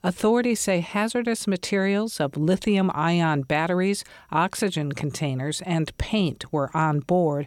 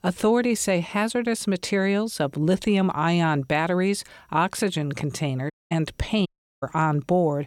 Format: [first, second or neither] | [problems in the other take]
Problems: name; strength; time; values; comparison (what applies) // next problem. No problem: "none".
first | audio cutting out; at 5.5 s and at 6.5 s